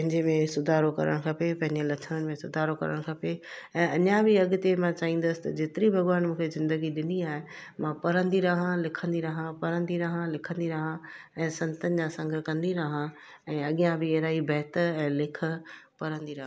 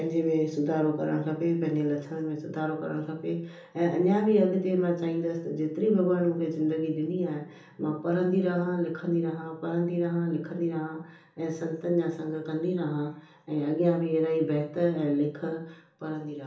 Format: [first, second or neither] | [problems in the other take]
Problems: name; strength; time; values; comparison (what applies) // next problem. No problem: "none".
first | room echo; dies away in 1.2 s